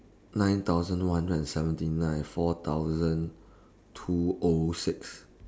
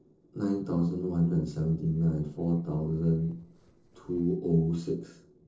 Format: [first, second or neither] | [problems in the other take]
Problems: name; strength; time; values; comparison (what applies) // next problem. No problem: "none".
first | noise reduction (neural separator model SepFormer DNS4)